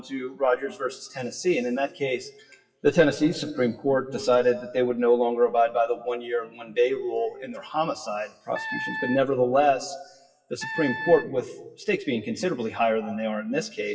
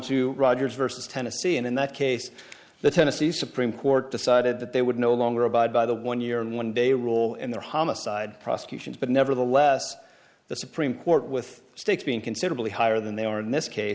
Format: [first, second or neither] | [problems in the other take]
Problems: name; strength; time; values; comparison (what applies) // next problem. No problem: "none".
second | noise reduction (classical method WPE with log-MMSE)